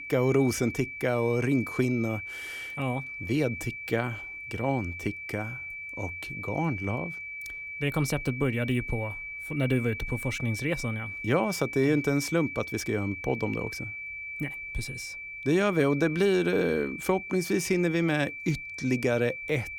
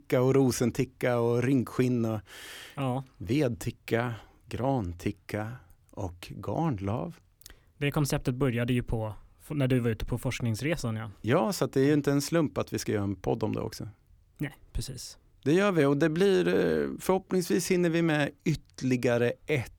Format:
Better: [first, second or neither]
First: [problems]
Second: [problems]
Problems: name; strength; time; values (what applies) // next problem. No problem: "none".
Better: second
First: high-pitched whine; loud; throughout; 2.5 kHz, 8 dB below the speech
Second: none